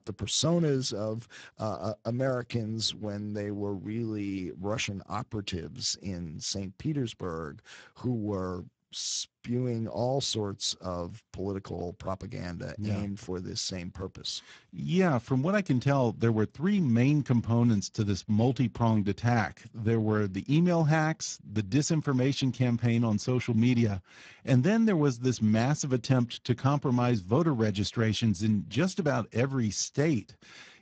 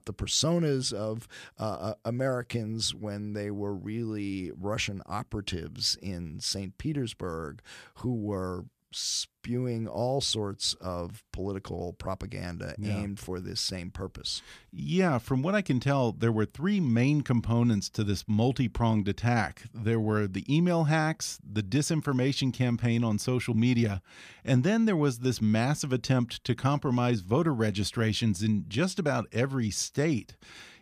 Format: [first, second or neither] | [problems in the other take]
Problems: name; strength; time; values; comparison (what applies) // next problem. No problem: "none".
second | garbled, watery; badly; nothing above 7.5 kHz